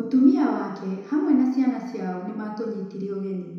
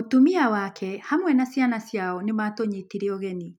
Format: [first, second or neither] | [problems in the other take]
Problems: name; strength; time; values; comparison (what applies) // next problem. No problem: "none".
second | room echo; dies away in 1 s